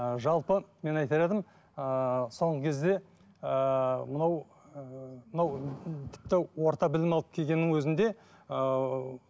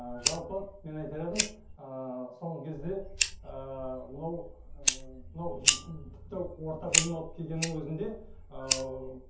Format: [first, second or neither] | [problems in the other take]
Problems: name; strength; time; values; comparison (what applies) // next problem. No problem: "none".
first | background sound (Fire); 4 dB above the speech // room echo; dies away in 0.5 s